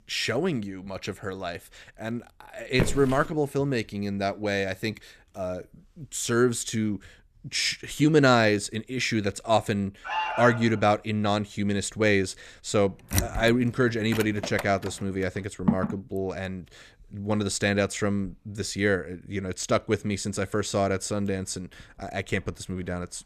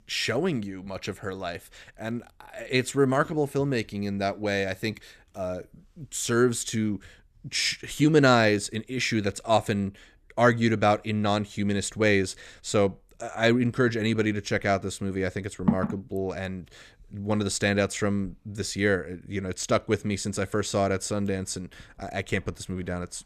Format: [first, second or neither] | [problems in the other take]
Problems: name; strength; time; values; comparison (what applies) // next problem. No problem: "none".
second | footsteps; noticeable; at 3 s; peak 3 dB below the speech // alarm; noticeable; at 10 s; peak 2 dB below the speech // door banging; noticeable; from 13 to 15 s; peak 2 dB below the speech